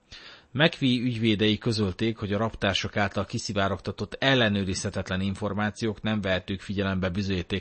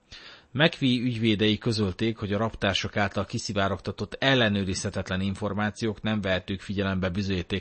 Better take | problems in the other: neither | garbled, watery; slightly; nothing above 8 kHz; the same in both

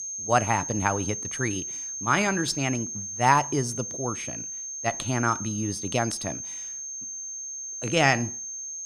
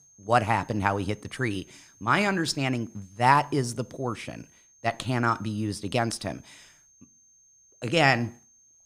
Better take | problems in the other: second | high-pitched whine; loud; throughout; 6.5 kHz, 6 dB below the speech; faint in the second

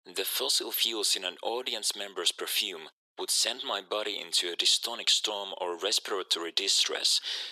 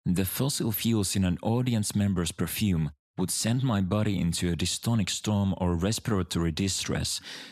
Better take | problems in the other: second | thin; very; fading below 400 Hz

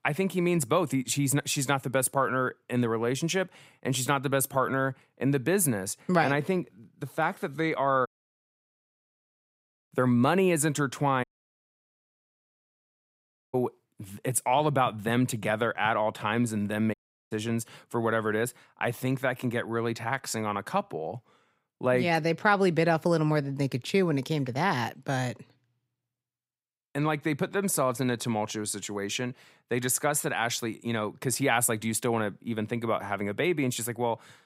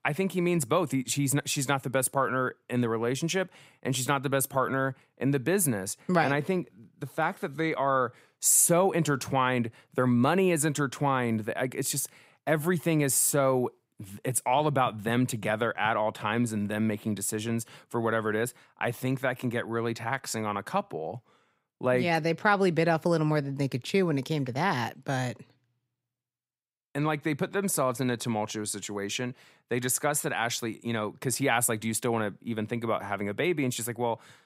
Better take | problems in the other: second | audio cutting out; at 8 s for 2 s, at 11 s for 2.5 s and at 17 s

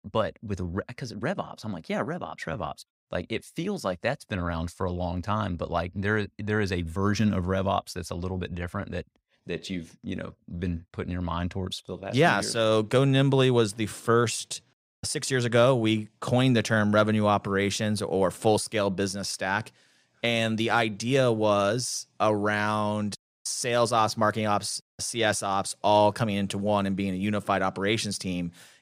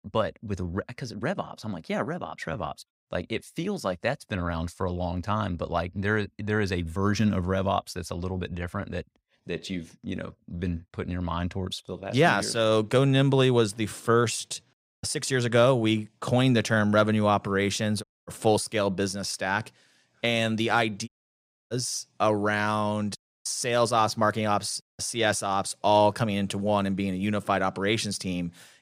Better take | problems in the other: first | audio cutting out; at 18 s and at 21 s for 0.5 s

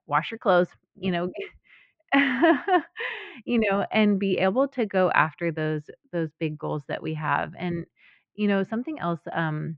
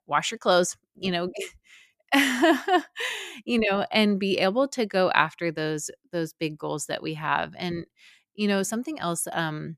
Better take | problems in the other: second | muffled; very; fading above 2.5 kHz

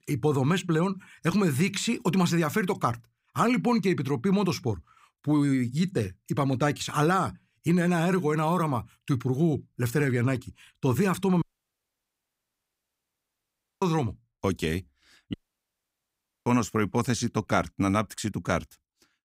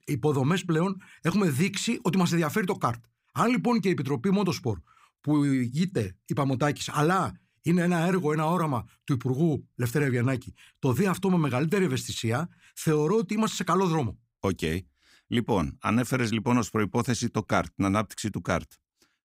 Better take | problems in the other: second | audio cutting out; at 11 s for 2.5 s and at 15 s for 1 s

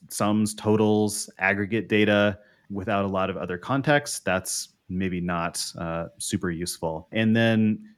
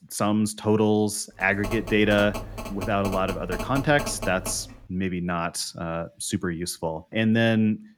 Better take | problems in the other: first | phone ringing; noticeable; from 1.5 to 5 s; peak 8 dB below the speech

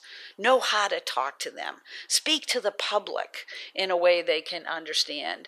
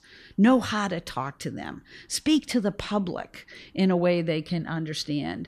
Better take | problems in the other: second | thin; very; fading below 500 Hz

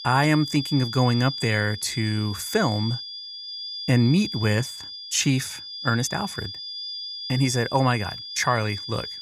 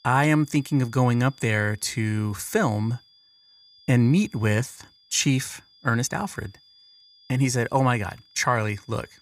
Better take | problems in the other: second | high-pitched whine; loud; throughout; 5 kHz, 8 dB below the speech; faint in the second

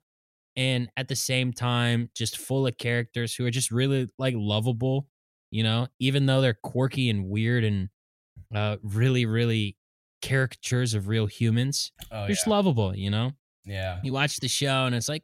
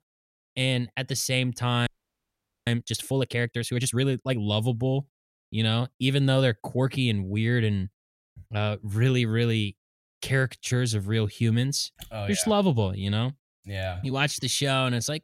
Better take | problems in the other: first | audio freezing; at 2 s for 1 s

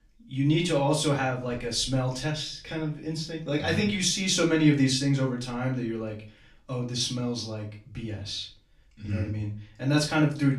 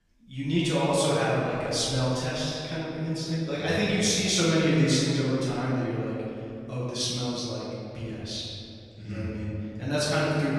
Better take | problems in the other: first | room echo; strong; dies away in 2.5 s; slight in the first // off-mic speech; far; far in the first

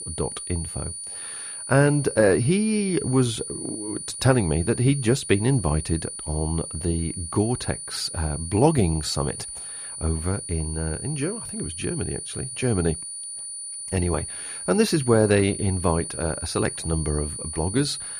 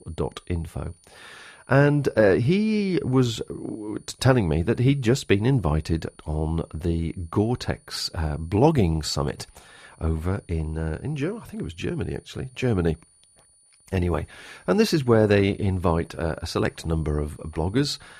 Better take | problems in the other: second | high-pitched whine; loud; throughout; 9.5 kHz, 7 dB below the speech; faint in the second

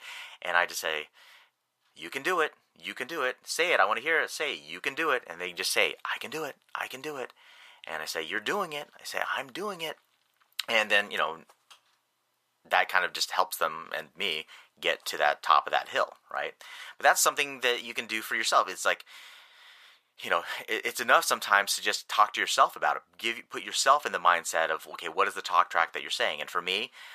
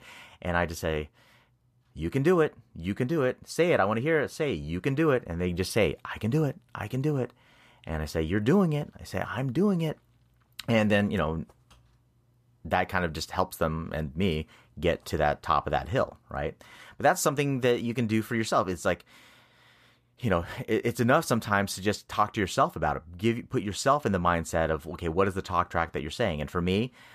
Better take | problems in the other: second | thin; very; fading below 900 Hz

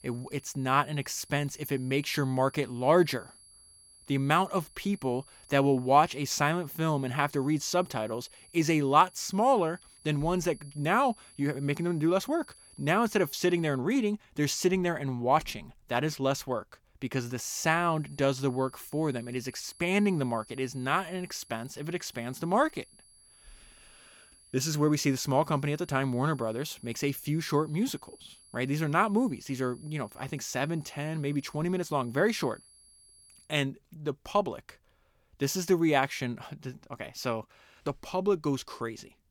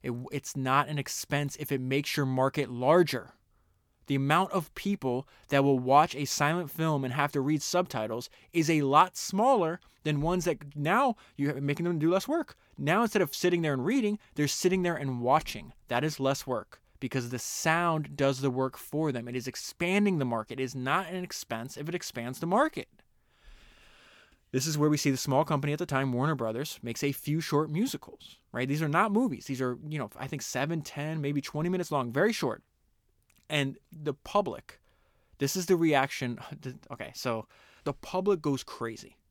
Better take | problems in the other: second | high-pitched whine; faint; until 14 s and from 17 to 33 s; 10.5 kHz, 25 dB below the speech

